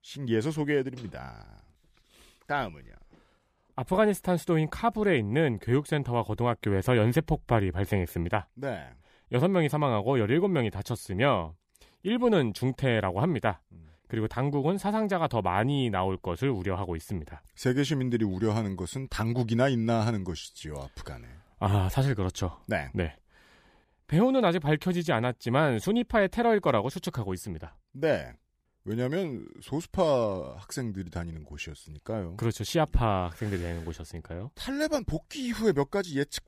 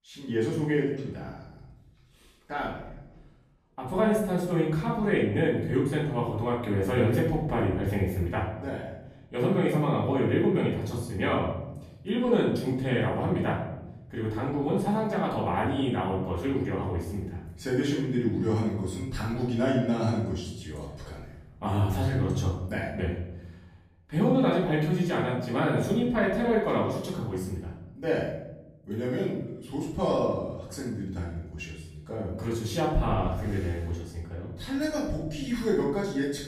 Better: first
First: none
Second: off-mic speech; far // room echo; noticeable; dies away in 0.8 s

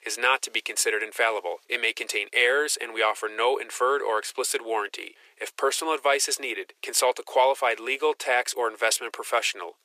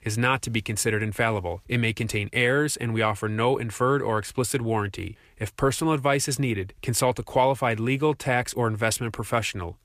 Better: second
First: thin; very; fading below 400 Hz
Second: none

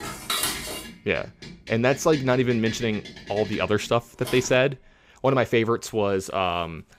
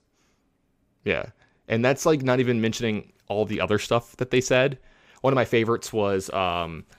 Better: second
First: clattering dishes; noticeable; until 4.5 s; peak level with the speech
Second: none

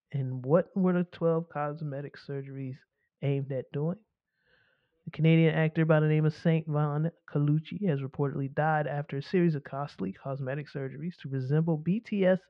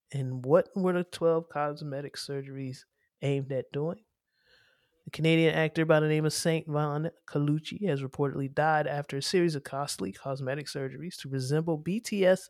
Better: second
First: muffled; very; fading above 3 kHz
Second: none

